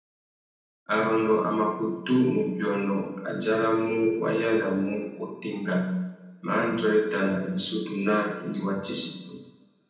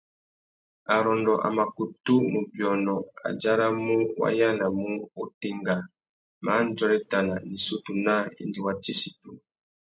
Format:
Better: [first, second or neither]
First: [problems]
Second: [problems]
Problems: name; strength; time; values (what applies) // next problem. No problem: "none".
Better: second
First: room echo; dies away in 0.9 s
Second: none